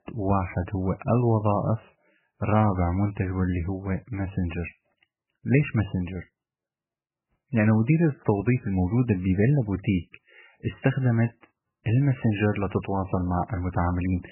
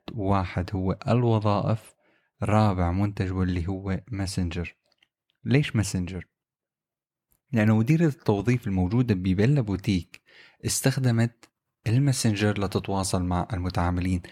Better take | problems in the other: second | garbled, watery; badly; nothing above 3 kHz

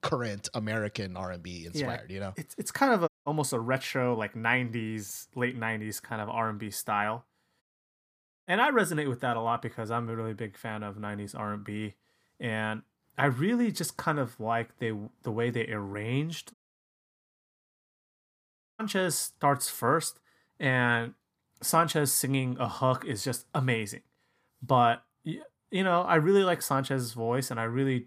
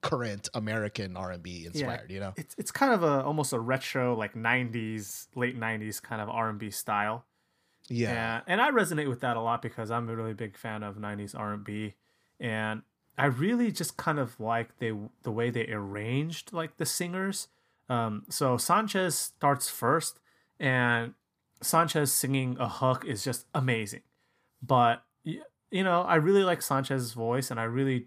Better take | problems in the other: second | audio cutting out; at 3 s, at 7.5 s for 1 s and at 17 s for 2.5 s

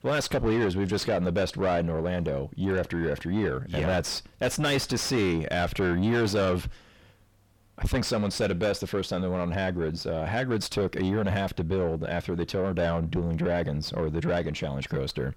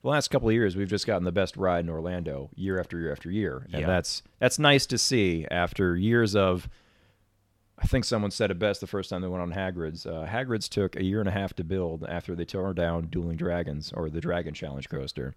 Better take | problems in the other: second | distortion; heavy; 5 dB below the speech

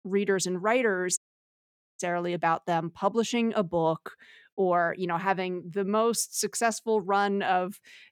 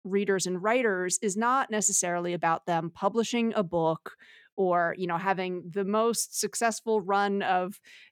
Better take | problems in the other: second | audio cutting out; at 1 s for 1 s

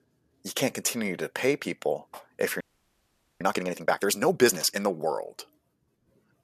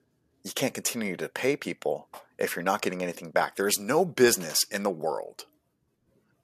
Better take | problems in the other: second | audio freezing; at 2.5 s for 1 s

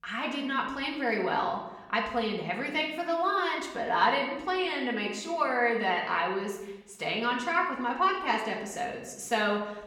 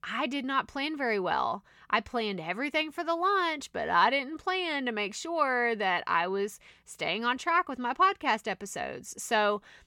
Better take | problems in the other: second | room echo; slight; dies away in 0.8 s // off-mic speech; far

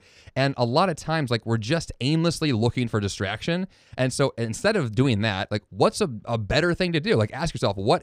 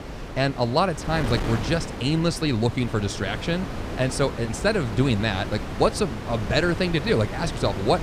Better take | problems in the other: first | wind noise on the microphone; heavy; 9 dB below the speech

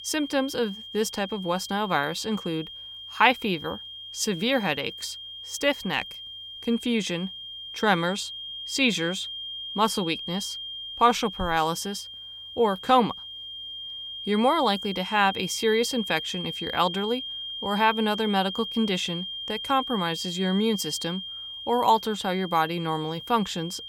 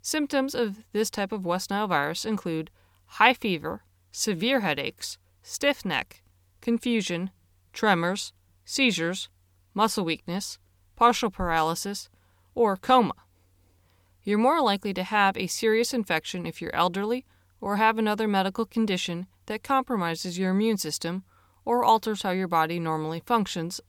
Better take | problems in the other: second | high-pitched whine; loud; throughout; 3 kHz, 9 dB below the speech

